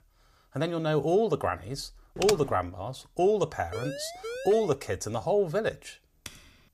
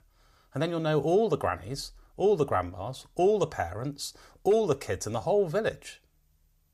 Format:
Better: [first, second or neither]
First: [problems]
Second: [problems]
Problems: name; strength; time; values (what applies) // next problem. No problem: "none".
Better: second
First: keyboard typing; noticeable; at 2 s; peak 4 dB below the speech // siren; noticeable; from 3.5 to 4.5 s; peak 9 dB below the speech // keyboard typing; faint; at 6.5 s; peak 15 dB below the speech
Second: none